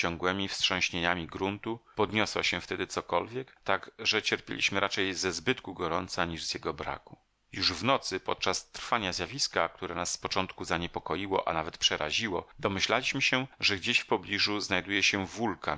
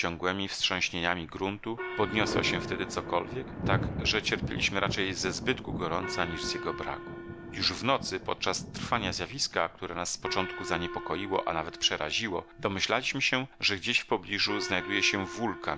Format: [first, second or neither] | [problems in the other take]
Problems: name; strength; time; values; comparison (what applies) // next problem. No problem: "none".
first | background sound (Gong + Thunder); 7 dB below the speech